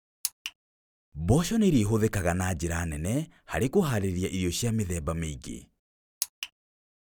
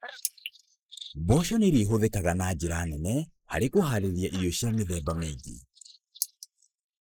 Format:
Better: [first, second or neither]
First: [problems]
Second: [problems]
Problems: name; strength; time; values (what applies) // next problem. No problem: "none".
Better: first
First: none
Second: noise reduction (neural mask model Resemble Enhance denoiser)